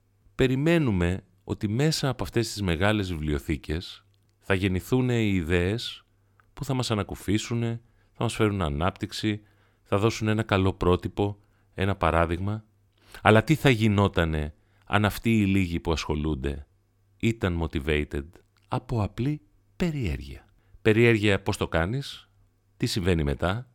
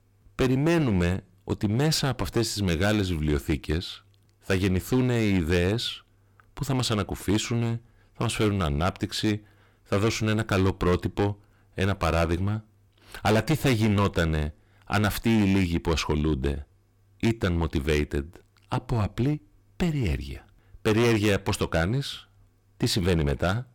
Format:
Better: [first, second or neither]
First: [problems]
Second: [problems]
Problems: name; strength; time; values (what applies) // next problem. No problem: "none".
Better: first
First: none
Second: distortion; heavy; 10% of the sound clipped